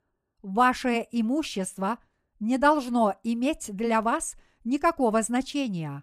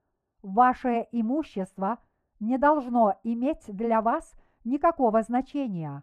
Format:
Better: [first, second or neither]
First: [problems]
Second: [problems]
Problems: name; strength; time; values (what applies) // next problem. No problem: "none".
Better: first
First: none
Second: muffled; very; fading above 2.5 kHz